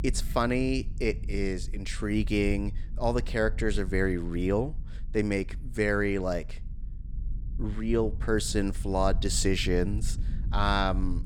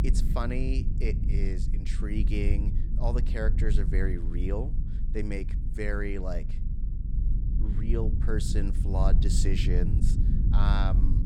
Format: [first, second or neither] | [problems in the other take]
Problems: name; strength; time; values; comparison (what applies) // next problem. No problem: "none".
first | low rumble; loud; throughout; 7 dB below the speech; faint in the first